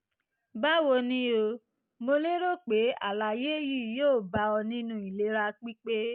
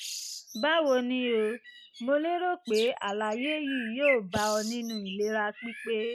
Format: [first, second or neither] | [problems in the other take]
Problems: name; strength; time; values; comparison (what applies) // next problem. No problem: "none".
first | background sound (Bird); 11 dB below the speech